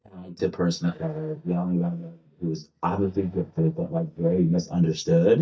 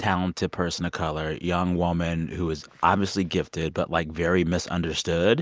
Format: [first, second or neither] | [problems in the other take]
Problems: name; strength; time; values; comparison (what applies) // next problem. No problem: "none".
second | noise reduction (neural mask model DeepFilterNet 3)